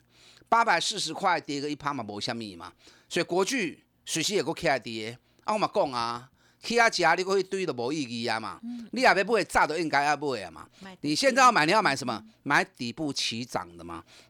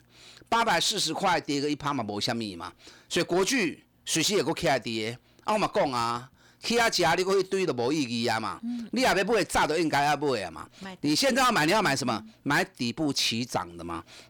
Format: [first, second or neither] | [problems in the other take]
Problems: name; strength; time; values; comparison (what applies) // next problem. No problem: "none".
first | distortion; heavy; 6 dB below the speech